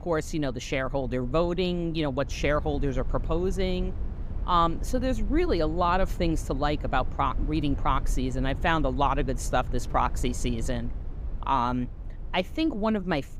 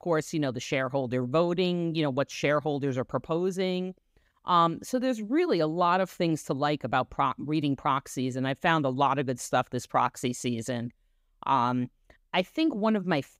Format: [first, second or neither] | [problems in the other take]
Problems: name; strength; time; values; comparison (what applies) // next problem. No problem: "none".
second | low rumble; faint; throughout; 20 dB below the speech